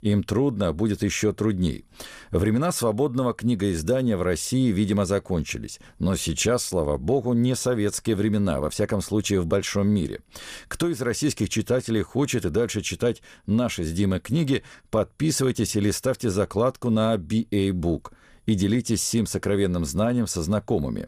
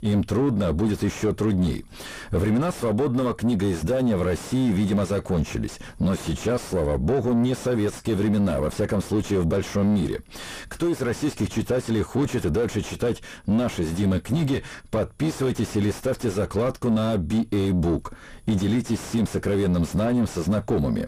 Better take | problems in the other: first | distortion; heavy; 5 dB below the speech

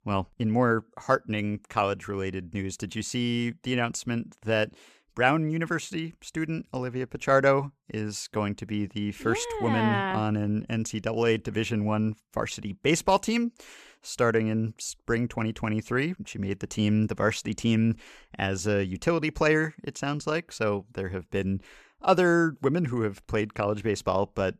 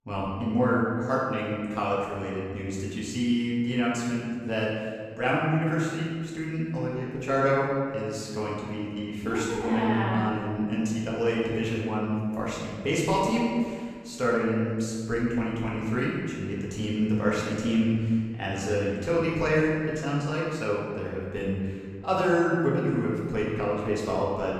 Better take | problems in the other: first | room echo; strong; dies away in 1.7 s // off-mic speech; far

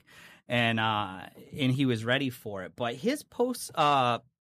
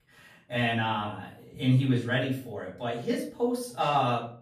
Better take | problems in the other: first | room echo; noticeable; dies away in 0.4 s // off-mic speech; far

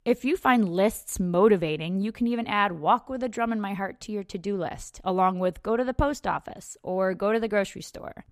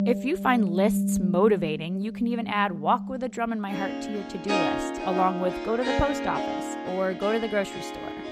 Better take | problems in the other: first | background music; loud; throughout; 4 dB below the speech

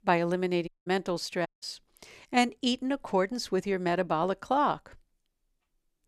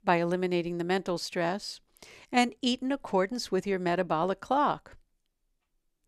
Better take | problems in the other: second | audio cutting out; at 0.5 s and at 1.5 s

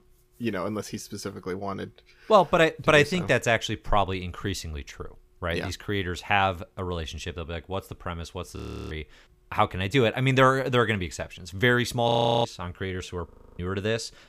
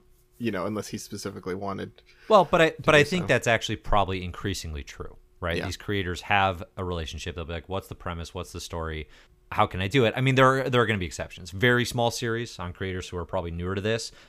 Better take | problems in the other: second | audio freezing; at 8.5 s, at 12 s and at 13 s

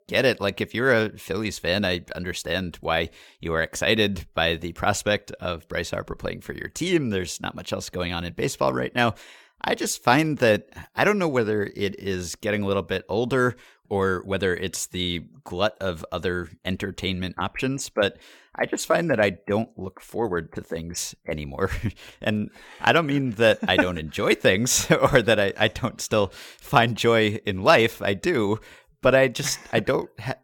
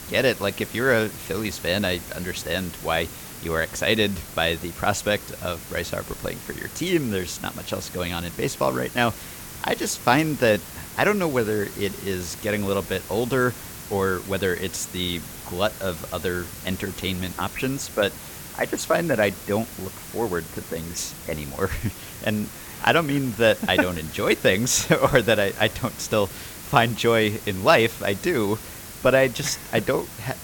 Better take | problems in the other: first | hiss; noticeable; throughout; 10 dB below the speech

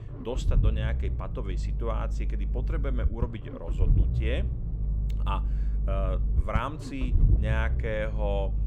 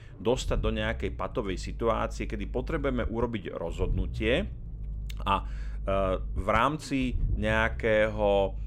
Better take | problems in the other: second | low rumble; loud; throughout; 9 dB below the speech; faint in the second

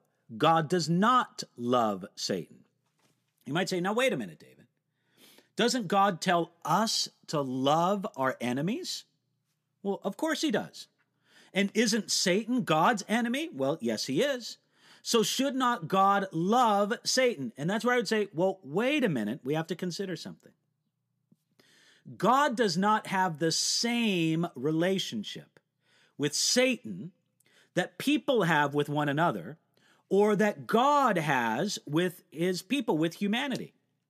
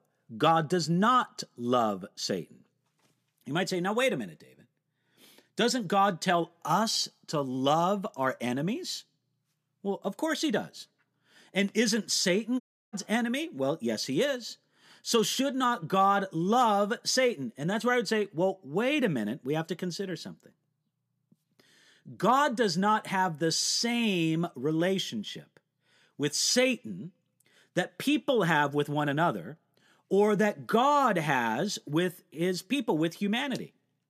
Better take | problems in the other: first | audio cutting out; at 13 s

